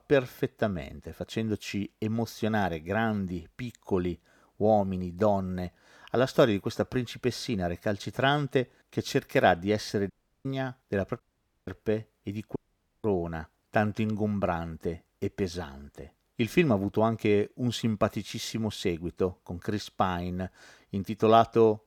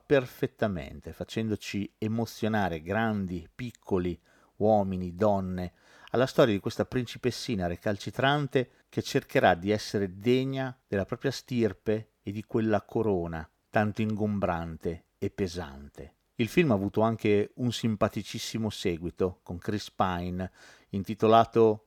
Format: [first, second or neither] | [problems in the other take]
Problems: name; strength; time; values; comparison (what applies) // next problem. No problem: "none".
second | audio cutting out; at 10 s, at 11 s and at 13 s